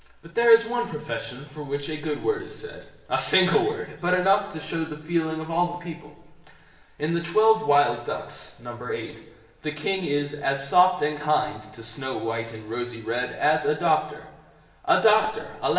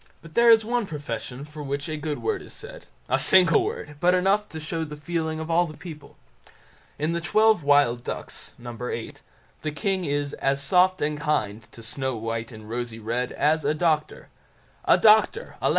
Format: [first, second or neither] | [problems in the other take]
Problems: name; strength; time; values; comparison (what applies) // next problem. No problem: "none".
second | room echo; dies away in 1 s